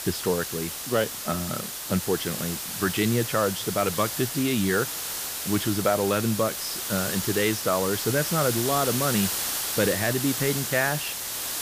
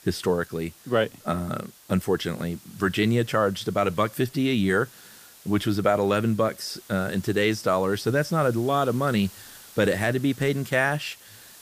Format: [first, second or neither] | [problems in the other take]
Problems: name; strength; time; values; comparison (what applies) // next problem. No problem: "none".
second | hiss; loud; throughout; 2 dB below the speech; faint in the second